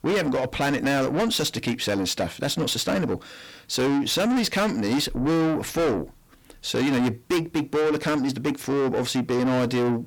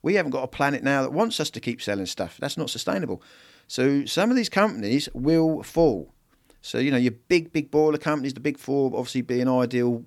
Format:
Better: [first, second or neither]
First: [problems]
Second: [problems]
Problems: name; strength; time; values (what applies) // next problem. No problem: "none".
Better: second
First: distortion; heavy; 6 dB below the speech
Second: none